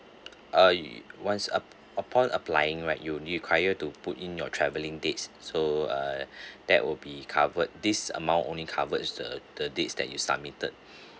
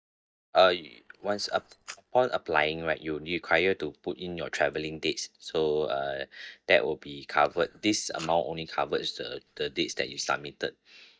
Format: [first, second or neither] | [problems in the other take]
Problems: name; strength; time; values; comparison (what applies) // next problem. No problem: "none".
first | noise reduction (neural mask model DeepFilterNet 3)